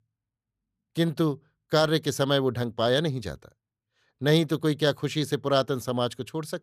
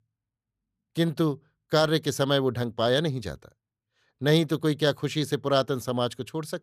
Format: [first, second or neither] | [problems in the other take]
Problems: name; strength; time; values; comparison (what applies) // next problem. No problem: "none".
neither | none